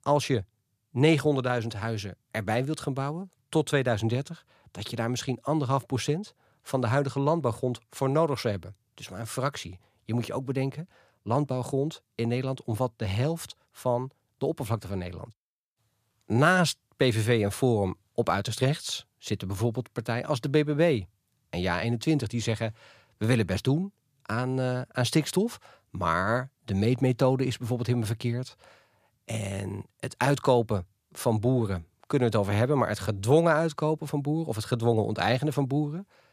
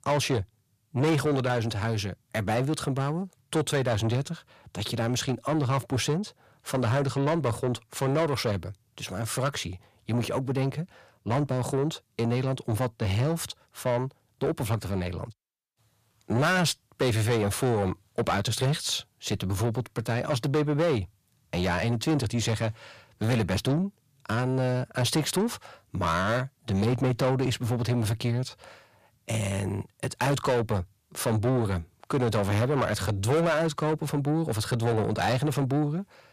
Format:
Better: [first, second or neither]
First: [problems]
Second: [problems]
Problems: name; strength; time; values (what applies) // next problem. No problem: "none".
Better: first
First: none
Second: distortion; heavy; 7 dB below the speech